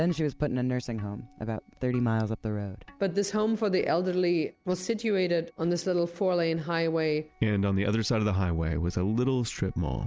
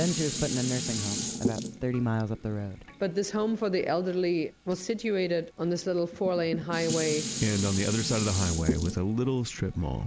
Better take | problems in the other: first | background sound (Dishes, pots, and pans); 7 dB below the speech

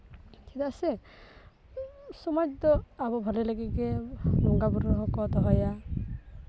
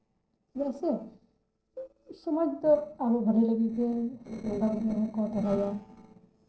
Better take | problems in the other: first | noise reduction (neural separator model SepFormer DNS4)

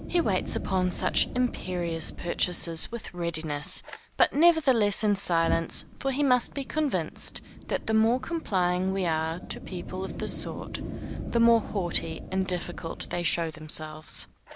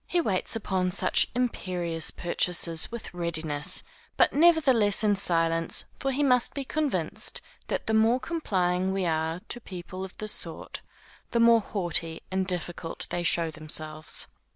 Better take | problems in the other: second | background sound (Fire); 10 dB below the speech

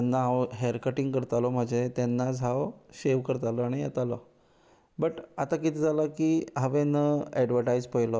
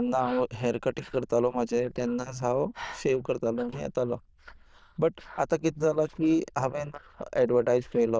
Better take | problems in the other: first | noise reduction (neural diffusion model UNIVERSE++)

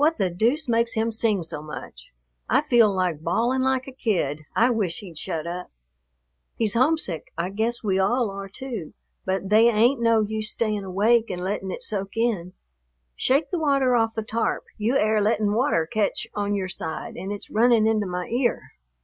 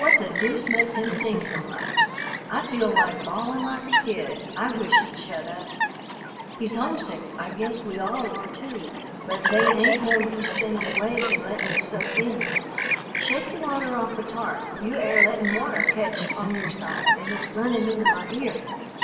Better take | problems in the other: first | background sound (Chirp, tweet); 1 dB above the speech // room echo; dies away in 1.2 s

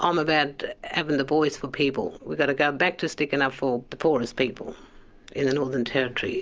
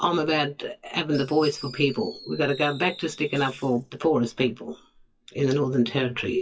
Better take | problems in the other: first | noise reduction (classical method WPE with log-MMSE)

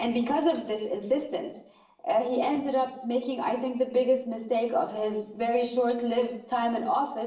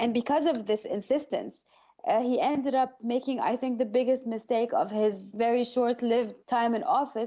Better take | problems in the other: second | room echo; dies away in 0.7 s

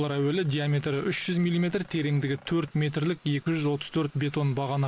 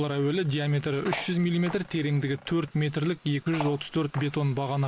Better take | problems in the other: first | background sound (Cutlery, silverware); 14 dB below the speech

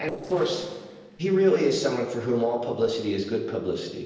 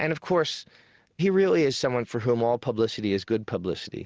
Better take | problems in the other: second | noise reduction (neural separator model SepFormer DNS4)

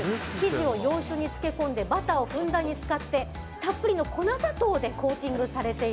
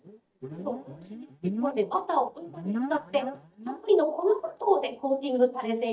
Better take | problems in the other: first | noise reduction (neural mask model DeepFilterNet 3)

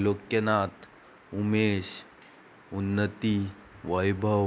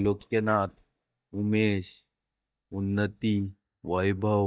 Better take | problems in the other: first | noise reduction (neural mask model DeepFilterNet 3)

